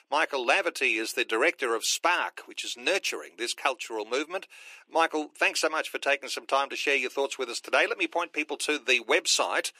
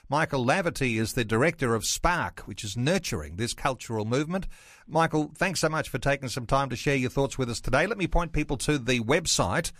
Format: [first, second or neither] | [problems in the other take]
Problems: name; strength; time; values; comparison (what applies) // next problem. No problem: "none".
second | thin; very; fading below 350 Hz